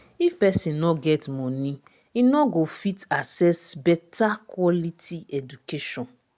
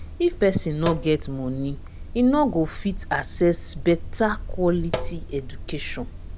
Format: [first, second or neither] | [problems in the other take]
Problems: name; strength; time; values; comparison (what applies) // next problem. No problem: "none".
first | background sound (Sink (filling or washing)); 8 dB below the speech